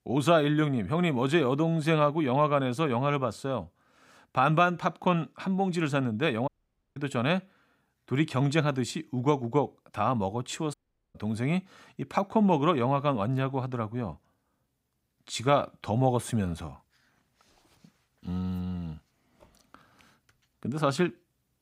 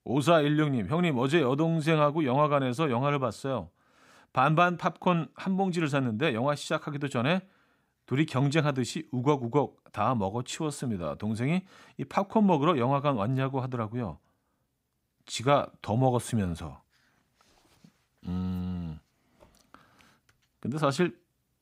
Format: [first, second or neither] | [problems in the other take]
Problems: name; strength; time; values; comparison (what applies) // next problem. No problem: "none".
second | audio cutting out; at 6.5 s and at 11 s